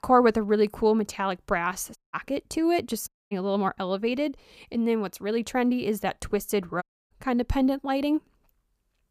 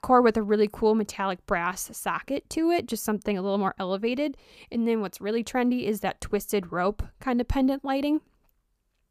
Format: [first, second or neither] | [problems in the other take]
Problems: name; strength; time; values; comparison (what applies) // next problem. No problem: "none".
second | audio cutting out; at 2 s, at 3 s and at 7 s